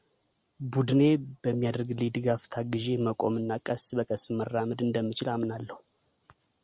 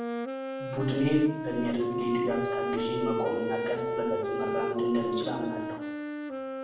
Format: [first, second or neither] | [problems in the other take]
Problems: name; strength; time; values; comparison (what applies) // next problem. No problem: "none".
first | background sound (Wind instrument, woodwind instrument); as loud as the speech // room echo; dies away in 0.7 s